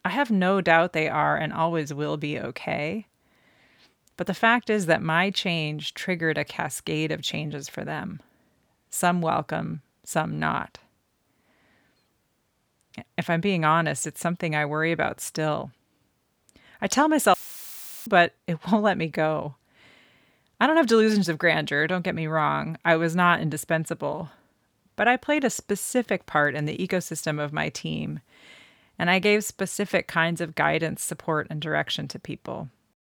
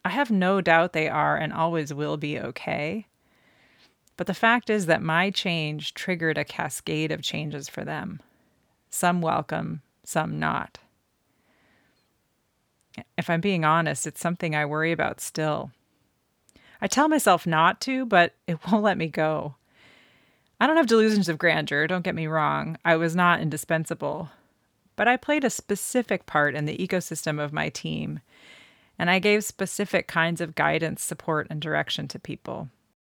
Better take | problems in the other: second | audio cutting out; filled with static; at 17 s for 0.5 s

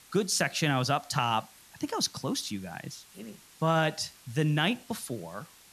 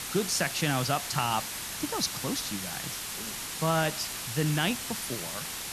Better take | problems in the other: first | hiss; loud; throughout; 4 dB below the speech; faint in the first

